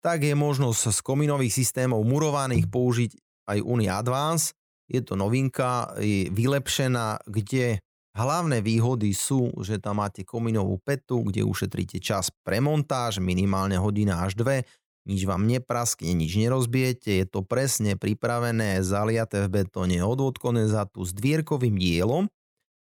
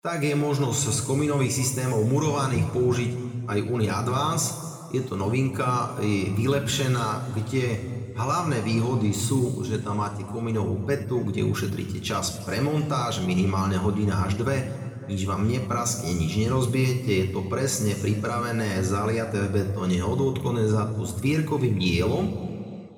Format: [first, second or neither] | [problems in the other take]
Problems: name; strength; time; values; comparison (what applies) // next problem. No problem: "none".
first | room echo; noticeable; dies away in 1.8 s // off-mic speech; somewhat distant